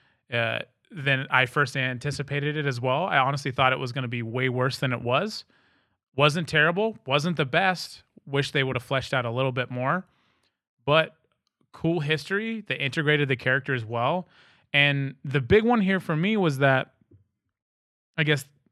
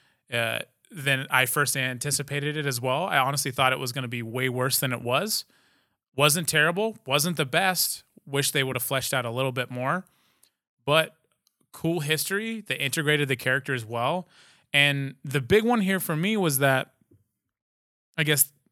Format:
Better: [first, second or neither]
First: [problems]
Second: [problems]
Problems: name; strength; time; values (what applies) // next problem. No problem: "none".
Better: second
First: muffled; slightly; fading above 3 kHz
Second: none